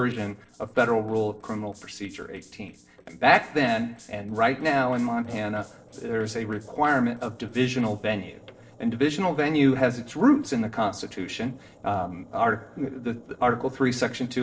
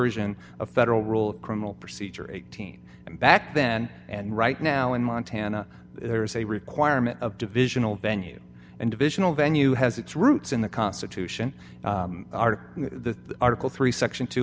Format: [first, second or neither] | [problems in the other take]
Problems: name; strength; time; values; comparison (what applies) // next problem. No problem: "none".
second | noise reduction (neural separator model SepFormer DNS4)